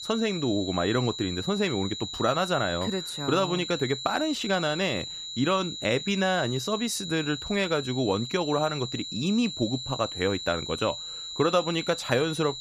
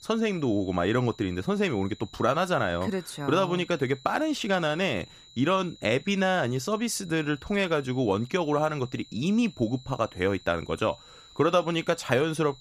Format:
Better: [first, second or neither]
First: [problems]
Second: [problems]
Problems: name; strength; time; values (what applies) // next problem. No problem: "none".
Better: second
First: high-pitched whine; loud; throughout; 4 kHz, 7 dB below the speech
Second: high-pitched whine; faint; throughout; 4 kHz, 25 dB below the speech